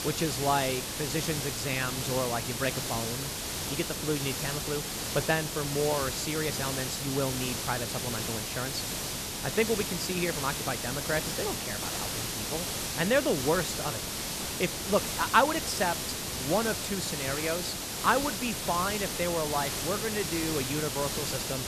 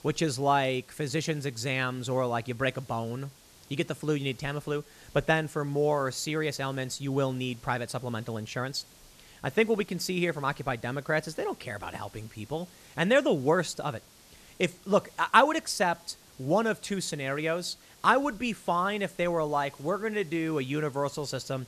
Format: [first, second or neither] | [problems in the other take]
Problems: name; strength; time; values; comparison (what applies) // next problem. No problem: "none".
second | hiss; loud; throughout; 1 dB below the speech; faint in the second